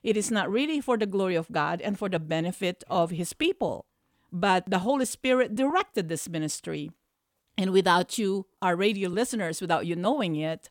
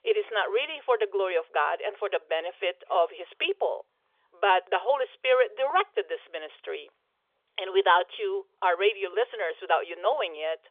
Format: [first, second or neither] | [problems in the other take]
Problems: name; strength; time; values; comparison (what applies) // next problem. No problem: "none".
first | phone-call audio; nothing above 3.5 kHz